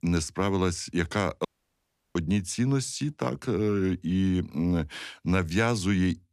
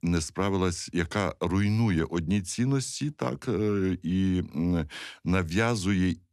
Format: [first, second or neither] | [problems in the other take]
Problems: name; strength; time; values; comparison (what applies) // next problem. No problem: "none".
second | audio cutting out; at 1.5 s for 0.5 s